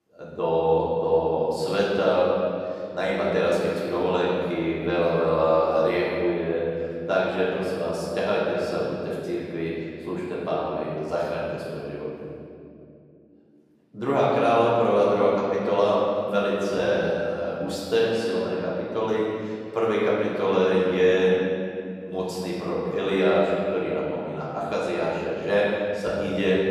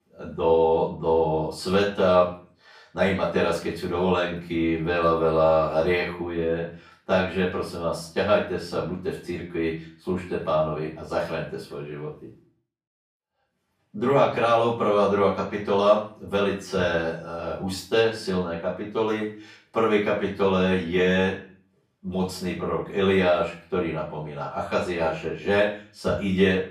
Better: second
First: room echo; strong; dies away in 2.4 s // off-mic speech; far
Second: room echo; slight; dies away in 0.4 s // off-mic speech; far

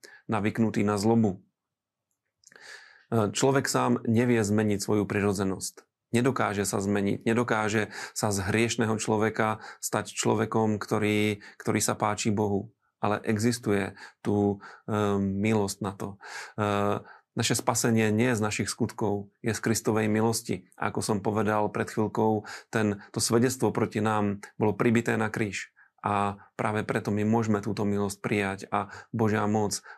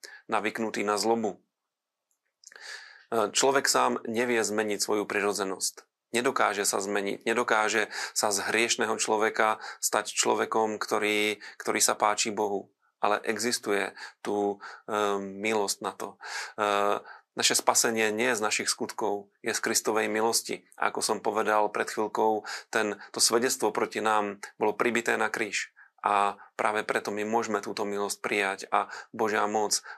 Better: first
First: none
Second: thin; somewhat; fading below 450 Hz

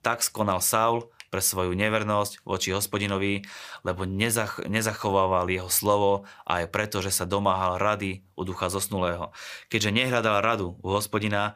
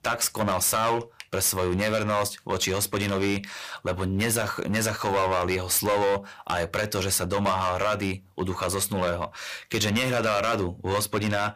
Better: first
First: none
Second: distortion; heavy; 9% of the sound clipped

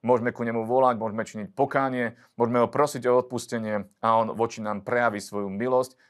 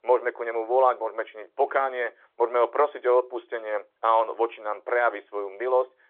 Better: first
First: none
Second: phone-call audio; nothing above 3.5 kHz

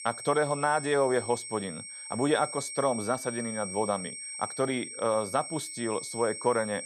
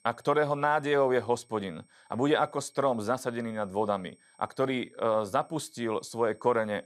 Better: second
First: high-pitched whine; loud; throughout; 8.5 kHz, 8 dB below the speech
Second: high-pitched whine; faint; throughout; 8.5 kHz, 35 dB below the speech

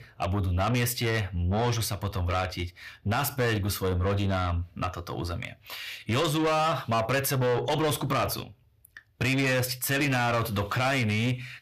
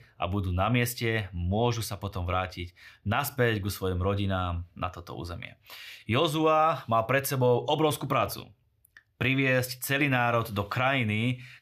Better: second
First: distortion; heavy; 8 dB below the speech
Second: none

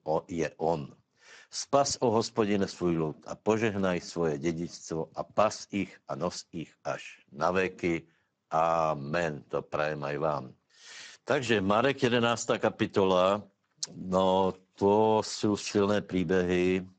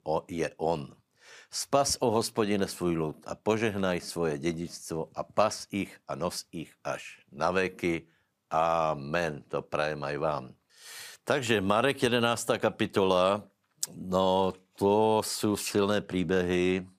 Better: second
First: garbled, watery; badly; nothing above 7.5 kHz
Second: none

